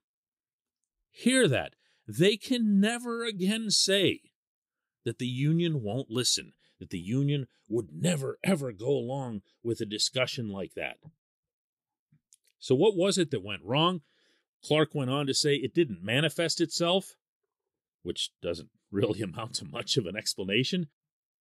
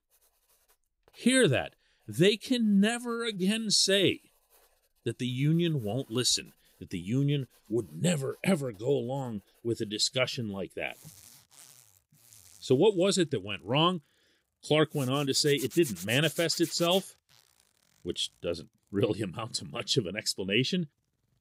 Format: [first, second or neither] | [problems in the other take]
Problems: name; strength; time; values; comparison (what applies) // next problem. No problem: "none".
first | household noises; noticeable; throughout; 15 dB below the speech